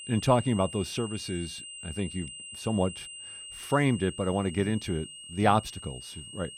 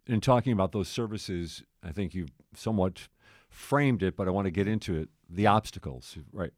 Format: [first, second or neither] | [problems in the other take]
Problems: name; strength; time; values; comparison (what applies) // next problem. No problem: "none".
second | high-pitched whine; noticeable; throughout; 3 kHz, 10 dB below the speech